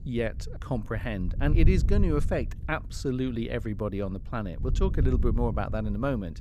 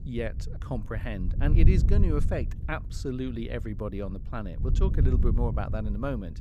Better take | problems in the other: first | wind noise on the microphone; heavy; 8 dB below the speech; occasional gusts in the first

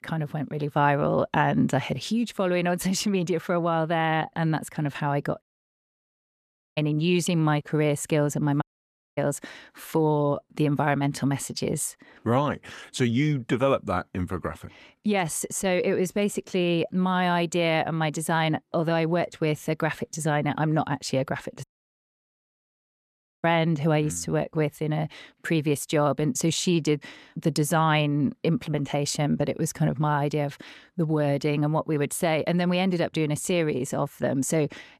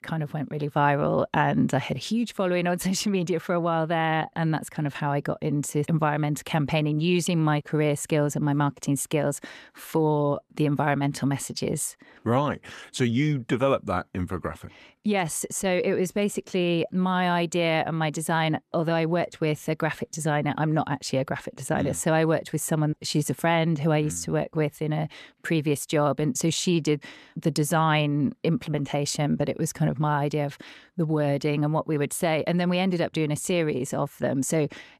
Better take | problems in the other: second | audio cutting out; at 5.5 s for 1.5 s, at 8.5 s for 0.5 s and at 22 s for 2 s

